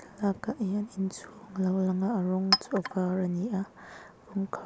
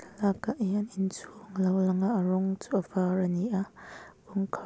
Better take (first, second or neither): second